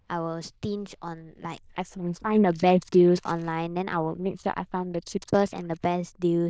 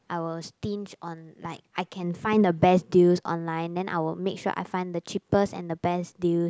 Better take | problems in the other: second | noise reduction (neural diffusion model UNIVERSE++)

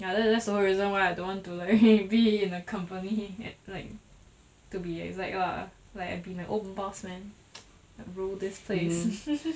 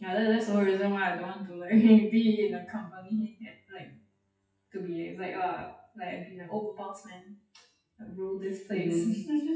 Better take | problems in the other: first | noise reduction (classical method WPE with log-MMSE)

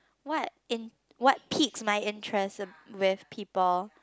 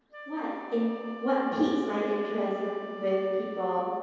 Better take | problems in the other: first | background sound (Wind instrument, woodwind instrument); 15 dB below the speech // room echo; dies away in 2.2 s

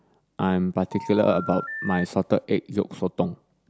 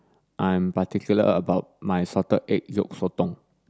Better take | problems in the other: second | background sound (Telephone); 11 dB below the speech

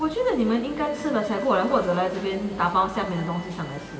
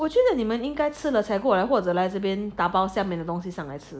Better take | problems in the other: second | background sound (Alarm); 18 dB below the speech // room echo; dies away in 2.6 s

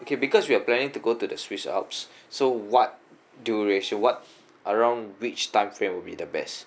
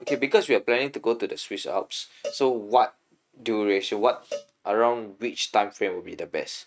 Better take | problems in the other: first | noise reduction (neural mask model RNNoise)

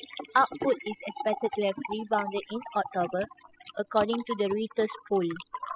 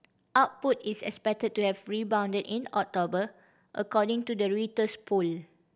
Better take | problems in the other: second | noise reduction (classical method spectral subtraction)

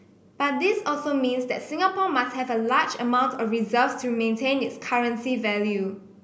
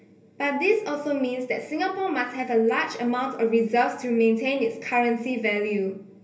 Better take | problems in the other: first | room echo; dies away in 0.3 s

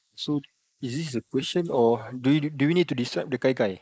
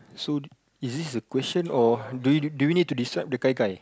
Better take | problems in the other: second | noise reduction (neural mask model Resemble Enhance denoiser)

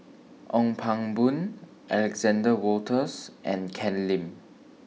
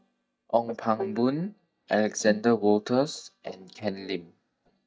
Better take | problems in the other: first | noise reduction (neural mask model DeepFilterNet 3)

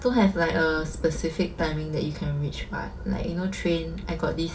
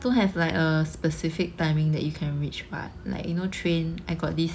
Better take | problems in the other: second | background sound (Thunder / Rain); 15 dB below the speech // room echo; dies away in 0.2 s

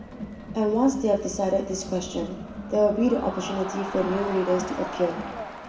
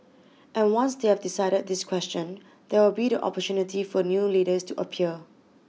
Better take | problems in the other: second | background sound (Crowd); 9 dB below the speech // room echo; dies away in 0.7 s

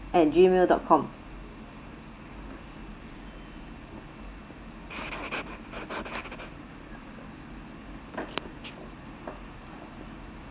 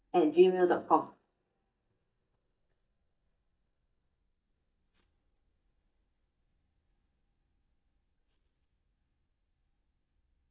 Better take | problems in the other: first | noise reduction (neural mask model DeepFilterNet 3)

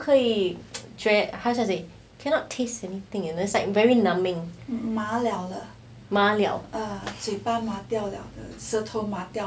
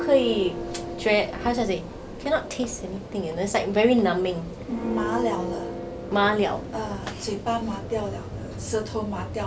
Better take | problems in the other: first | background sound (Church bell); 8 dB below the speech

